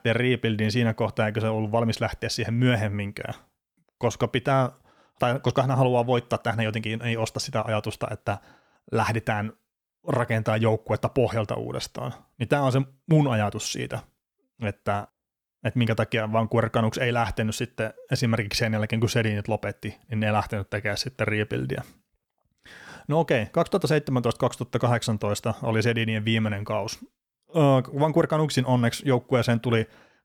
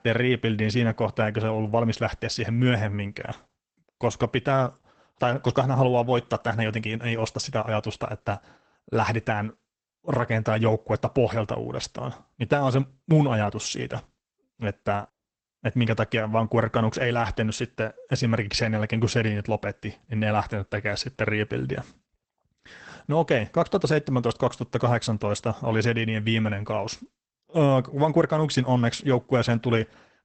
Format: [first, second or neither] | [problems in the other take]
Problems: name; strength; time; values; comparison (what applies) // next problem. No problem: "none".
first | garbled, watery; badly; nothing above 8 kHz